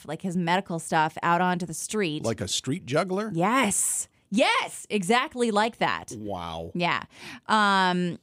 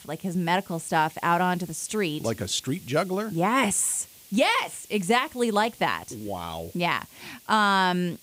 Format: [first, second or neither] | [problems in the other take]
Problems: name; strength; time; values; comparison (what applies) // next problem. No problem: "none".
first | hiss; faint; throughout; 20 dB below the speech